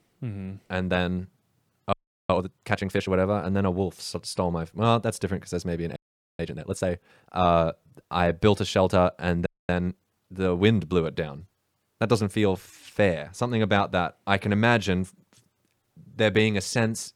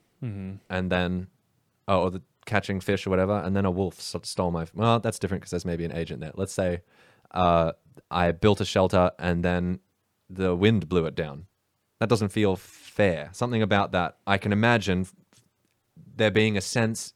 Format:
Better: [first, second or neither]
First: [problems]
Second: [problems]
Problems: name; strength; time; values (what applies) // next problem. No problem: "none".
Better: second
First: audio freezing; at 2 s, at 6 s and at 9.5 s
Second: none